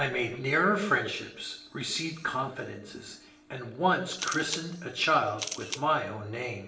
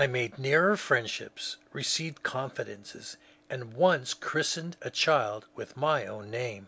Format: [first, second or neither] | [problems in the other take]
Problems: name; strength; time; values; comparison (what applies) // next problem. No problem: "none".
second | background sound (Camera); 10 dB below the speech // room echo; dies away in 0.8 s